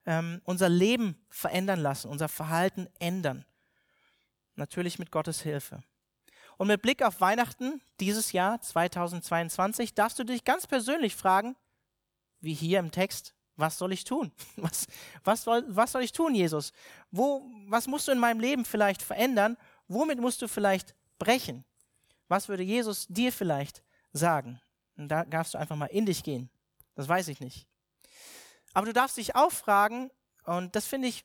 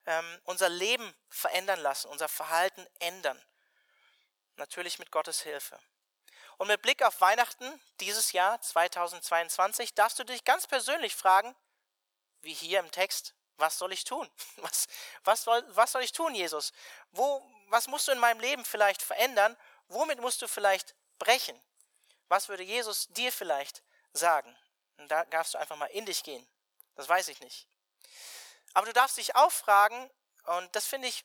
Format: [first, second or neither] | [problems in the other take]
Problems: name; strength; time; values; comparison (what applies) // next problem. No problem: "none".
first | thin; very; fading below 550 Hz